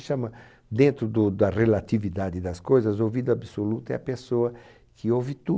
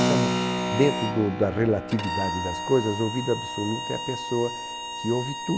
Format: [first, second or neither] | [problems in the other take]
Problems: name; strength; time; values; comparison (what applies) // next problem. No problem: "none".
first | background sound (Bowed string instrument + Keyboard (musical)); 3 dB below the speech